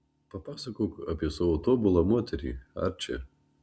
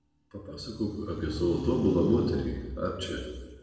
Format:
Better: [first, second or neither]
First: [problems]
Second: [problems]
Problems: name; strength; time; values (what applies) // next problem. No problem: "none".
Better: first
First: none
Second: background sound (Livestock, farm animals, working animals); 12 dB below the speech // room echo; dies away in 1.2 s